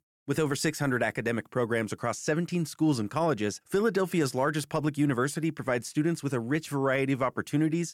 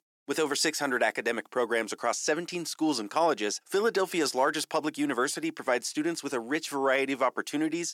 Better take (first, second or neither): first